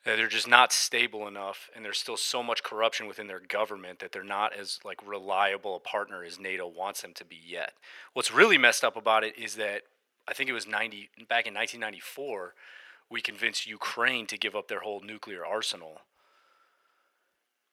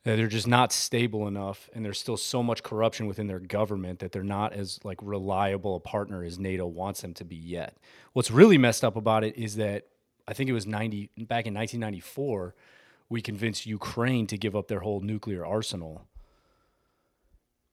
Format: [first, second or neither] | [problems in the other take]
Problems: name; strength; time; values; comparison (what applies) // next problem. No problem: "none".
second | thin; very; fading below 550 Hz